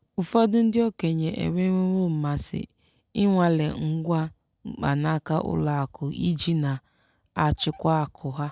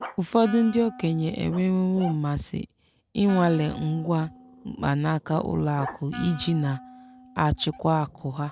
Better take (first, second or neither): first